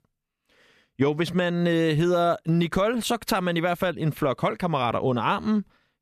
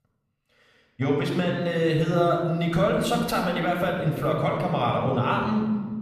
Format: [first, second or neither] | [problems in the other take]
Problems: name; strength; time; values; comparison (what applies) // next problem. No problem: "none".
first | room echo; noticeable; dies away in 1.4 s // off-mic speech; somewhat distant